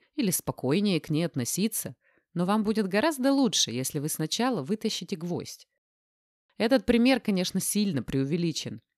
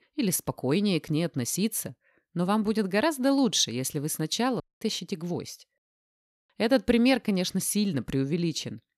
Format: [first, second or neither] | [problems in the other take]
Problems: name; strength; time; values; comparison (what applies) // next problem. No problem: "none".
first | audio cutting out; at 4.5 s